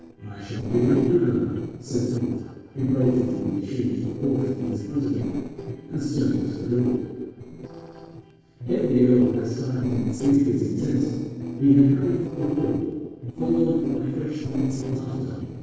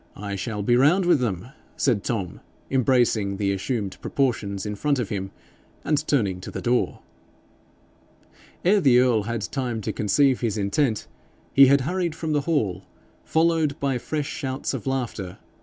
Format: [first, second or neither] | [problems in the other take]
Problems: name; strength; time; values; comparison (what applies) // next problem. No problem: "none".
second | noise reduction (neural separator model SepFormer DNS4)